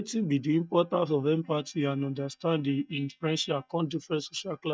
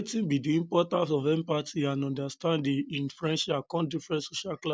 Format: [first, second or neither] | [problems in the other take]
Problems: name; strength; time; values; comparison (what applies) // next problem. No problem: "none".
second | noise reduction (neural mask model DeepFilterNet 3)